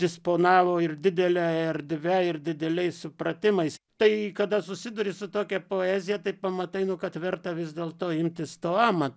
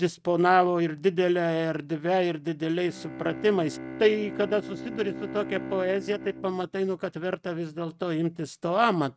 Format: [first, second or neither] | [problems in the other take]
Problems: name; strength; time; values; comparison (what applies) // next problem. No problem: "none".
first | noise reduction (neural mask model RNNoise)